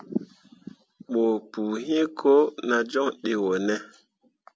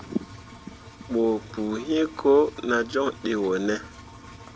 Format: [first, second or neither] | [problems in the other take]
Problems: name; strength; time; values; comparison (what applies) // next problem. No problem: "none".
first | background sound (Engine); 18 dB below the speech